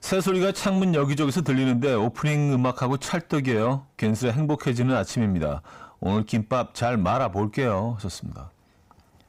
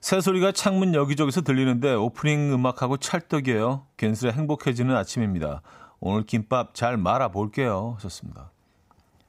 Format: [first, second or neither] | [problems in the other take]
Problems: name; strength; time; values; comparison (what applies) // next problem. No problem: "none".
second | distortion; slight; 10 dB below the speech